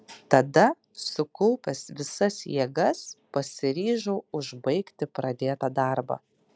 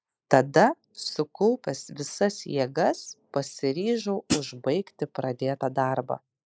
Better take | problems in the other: first | noise reduction (neural mask model Resemble Enhance denoiser)

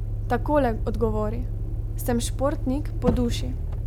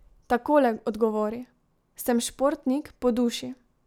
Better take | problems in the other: second | background sound (Motor vehicle (road)); 1 dB above the speech

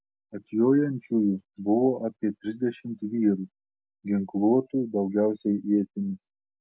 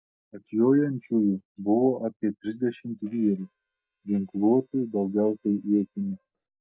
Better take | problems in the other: first | noise reduction (neural mask model DeepFilterNet 3)

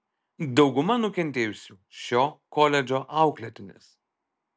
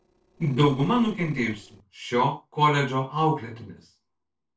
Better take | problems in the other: first | noise reduction (neural separator model SepFormer DNS4)

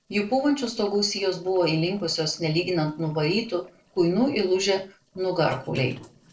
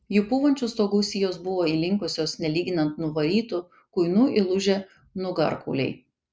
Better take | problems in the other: second | noise reduction (neural separator model SepFormer DNS4)

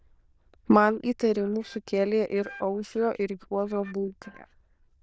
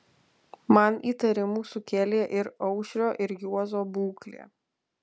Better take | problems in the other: second | noise reduction (neural diffusion model UNIVERSE++)

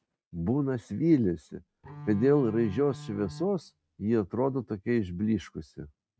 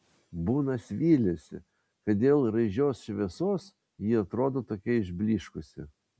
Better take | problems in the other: second | noise reduction (neural mask model RNNoise)

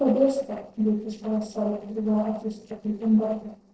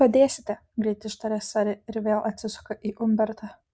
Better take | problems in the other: second | noise reduction (neural separator model SepFormer DNS4)

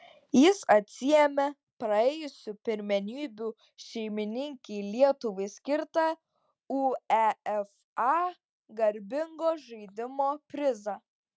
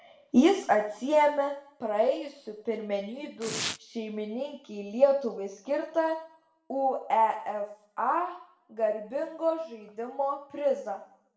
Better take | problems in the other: first | background sound (Domestic sounds, home sounds); 13 dB below the speech // room echo; dies away in 0.6 s

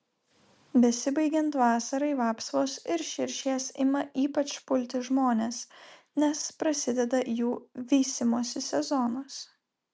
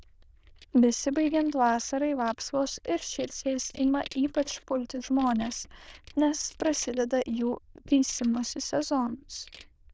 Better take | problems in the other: first | noise reduction (neural diffusion model UNIVERSE++)

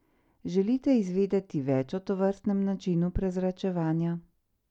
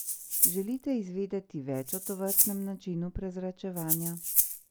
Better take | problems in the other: first | background sound (Rattle (instrument)); 3 dB above the speech

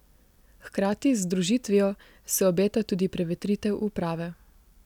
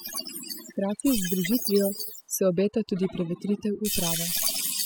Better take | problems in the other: first | noise reduction (classical method spectral subtraction)

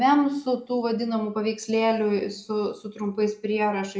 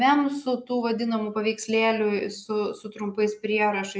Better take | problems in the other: second | room echo; dies away in 0.6 s

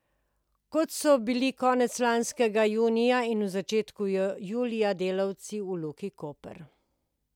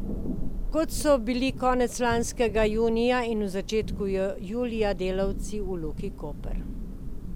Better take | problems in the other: first | background sound (Thunder / Rain); 5 dB below the speech

